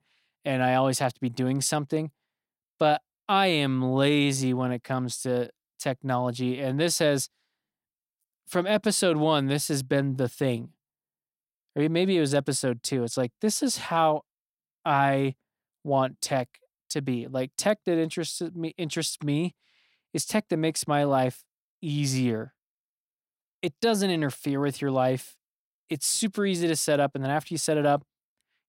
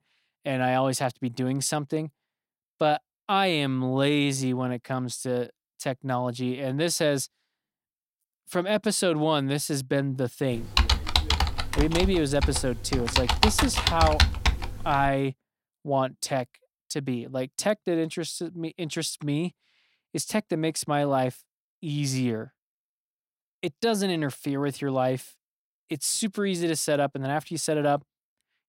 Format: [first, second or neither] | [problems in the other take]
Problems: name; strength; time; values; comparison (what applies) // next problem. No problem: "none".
first | keyboard typing; loud; from 11 to 15 s; peak 5 dB above the speech